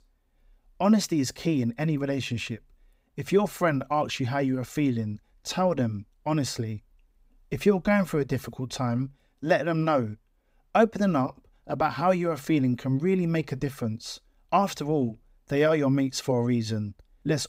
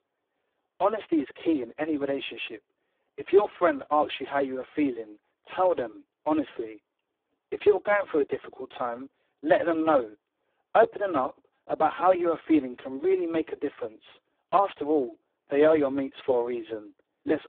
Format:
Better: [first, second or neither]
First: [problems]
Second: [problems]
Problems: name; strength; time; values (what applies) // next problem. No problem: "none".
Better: first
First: none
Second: phone-call audio; poor line